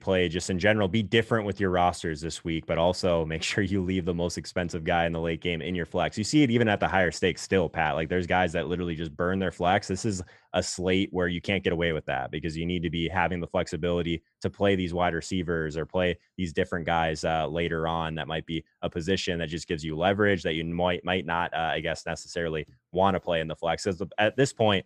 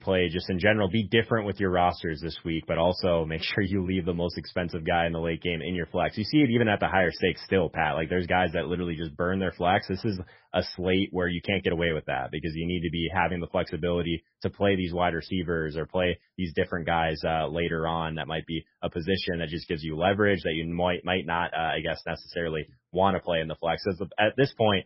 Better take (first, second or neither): first